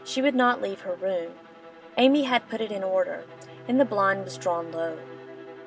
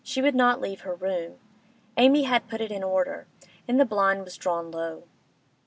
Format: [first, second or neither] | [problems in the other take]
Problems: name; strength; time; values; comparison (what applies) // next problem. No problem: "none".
second | background sound (Bowed string instrument + Bowed string instrument); 18 dB below the speech